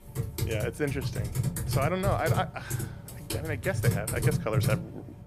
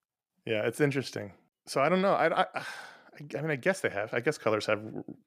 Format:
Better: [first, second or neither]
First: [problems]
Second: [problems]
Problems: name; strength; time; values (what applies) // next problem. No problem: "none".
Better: second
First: household noises; very loud; throughout; 1 dB above the speech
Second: none